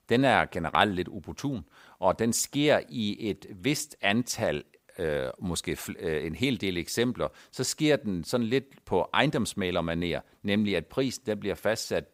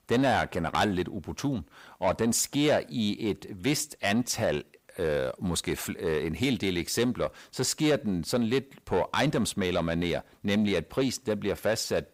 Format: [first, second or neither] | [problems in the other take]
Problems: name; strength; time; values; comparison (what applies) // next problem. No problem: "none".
first | distortion; slight; 10 dB below the speech